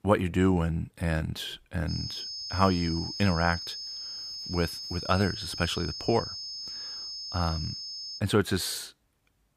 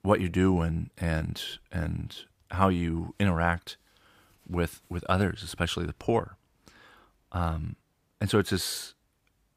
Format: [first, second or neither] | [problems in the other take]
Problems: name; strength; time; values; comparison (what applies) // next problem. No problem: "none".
second | high-pitched whine; loud; from 2 to 8 s; 5 kHz, 6 dB below the speech